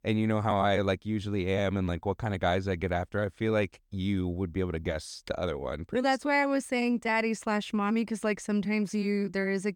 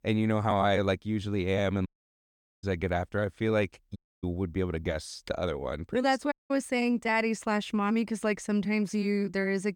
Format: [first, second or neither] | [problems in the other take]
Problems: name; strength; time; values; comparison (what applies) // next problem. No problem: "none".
first | audio cutting out; at 2 s for 1 s, at 4 s and at 6.5 s